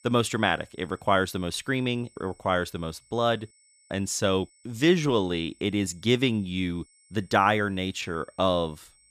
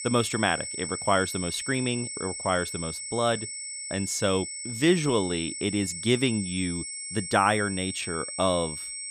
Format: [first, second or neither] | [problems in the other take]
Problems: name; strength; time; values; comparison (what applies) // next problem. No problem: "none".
first | high-pitched whine; loud; throughout; 8 kHz, 6 dB below the speech; faint in the first